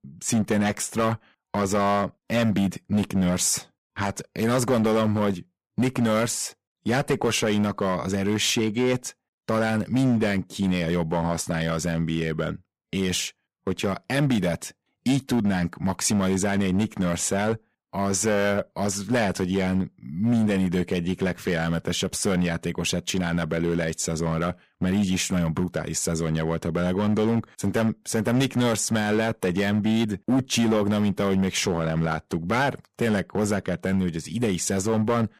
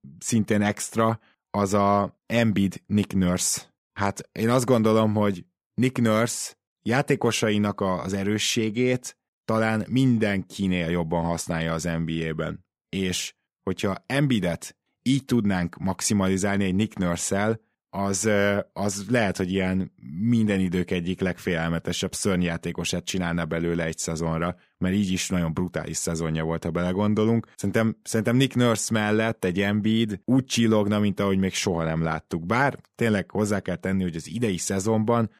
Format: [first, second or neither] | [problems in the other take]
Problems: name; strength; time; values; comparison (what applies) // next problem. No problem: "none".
second | distortion; slight; 7% of the sound clipped